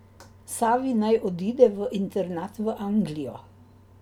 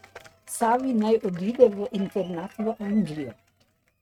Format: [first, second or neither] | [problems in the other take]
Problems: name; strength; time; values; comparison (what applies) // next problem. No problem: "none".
first | noise reduction (neural mask model RNNoise)